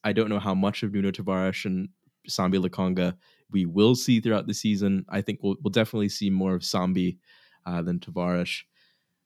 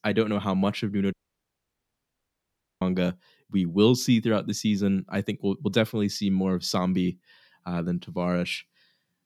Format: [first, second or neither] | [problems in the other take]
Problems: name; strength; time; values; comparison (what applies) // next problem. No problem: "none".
first | audio cutting out; at 1 s for 1.5 s